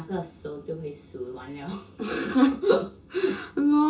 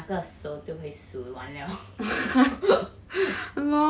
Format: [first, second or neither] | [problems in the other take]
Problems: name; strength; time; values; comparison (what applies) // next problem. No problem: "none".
second | room echo; dies away in 0.2 s